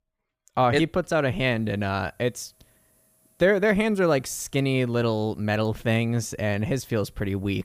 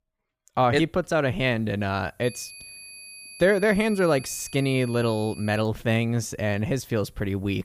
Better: first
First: none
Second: high-pitched whine; noticeable; from 2 to 5.5 s; 2.5 kHz, 15 dB below the speech

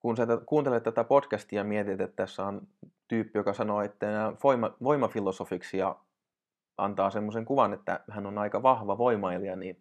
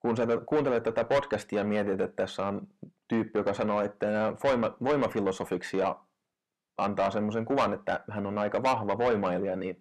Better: first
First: none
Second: distortion; heavy; 7 dB below the speech

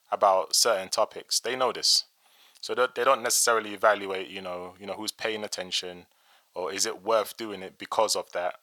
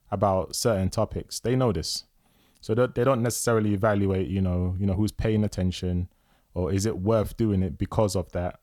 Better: second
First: thin; very; fading below 800 Hz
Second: none

